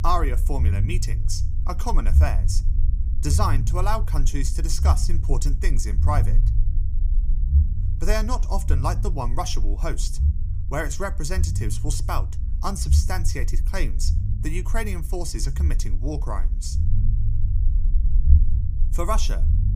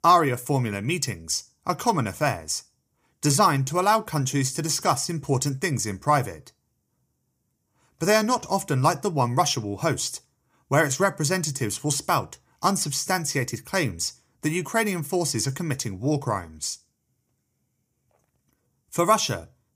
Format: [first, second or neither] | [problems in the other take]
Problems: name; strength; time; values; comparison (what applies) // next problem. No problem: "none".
second | low rumble; noticeable; throughout; 10 dB below the speech